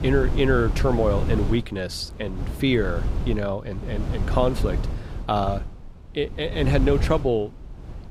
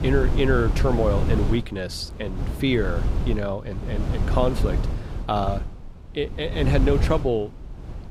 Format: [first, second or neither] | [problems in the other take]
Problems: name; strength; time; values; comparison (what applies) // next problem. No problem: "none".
first | wind noise on the microphone; heavy; 9 dB below the speech; occasional gusts in the first